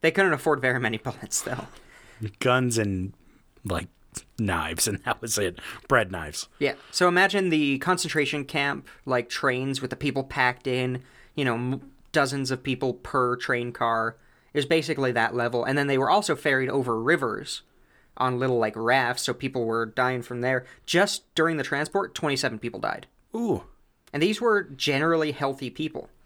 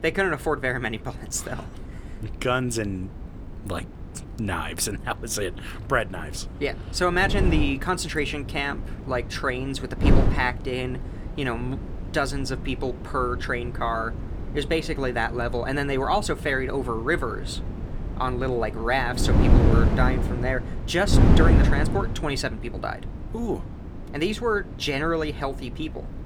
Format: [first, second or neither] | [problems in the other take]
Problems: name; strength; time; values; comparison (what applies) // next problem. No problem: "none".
first | wind noise on the microphone; heavy; 9 dB below the speech